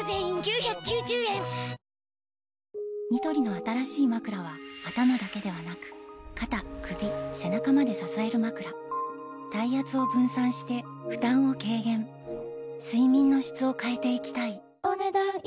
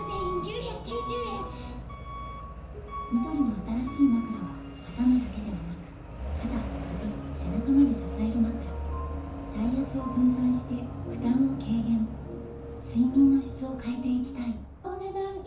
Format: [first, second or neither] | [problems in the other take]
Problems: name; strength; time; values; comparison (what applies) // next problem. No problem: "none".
first | background sound (Alarm / Truck); 9 dB below the speech // room echo; dies away in 0.9 s